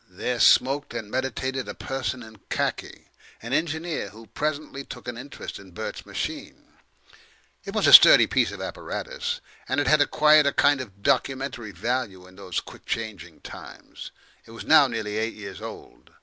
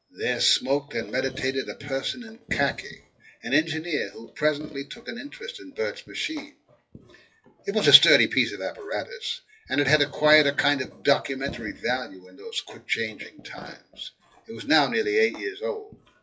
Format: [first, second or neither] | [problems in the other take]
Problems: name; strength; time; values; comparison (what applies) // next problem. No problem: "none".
first | noise reduction (classical method WPE with log-MMSE)